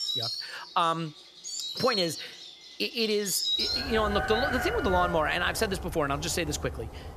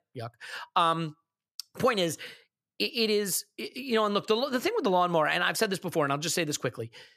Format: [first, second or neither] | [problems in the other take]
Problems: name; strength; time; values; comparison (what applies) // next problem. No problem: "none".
second | animal sounds; loud; throughout; 3 dB below the speech